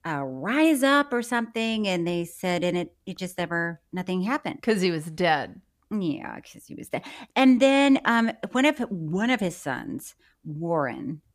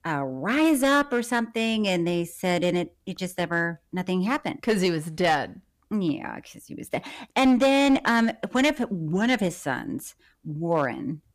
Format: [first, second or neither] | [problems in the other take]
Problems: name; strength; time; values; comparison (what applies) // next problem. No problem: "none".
first | distortion; slight; 5% of the sound clipped